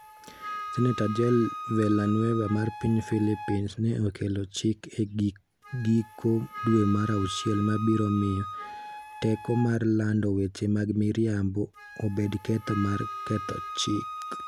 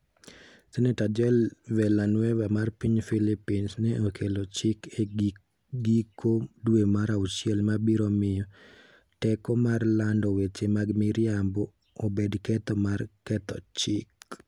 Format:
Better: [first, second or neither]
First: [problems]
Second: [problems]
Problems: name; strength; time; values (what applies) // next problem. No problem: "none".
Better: second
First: background sound (Wind instrument, woodwind instrument); 12 dB below the speech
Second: none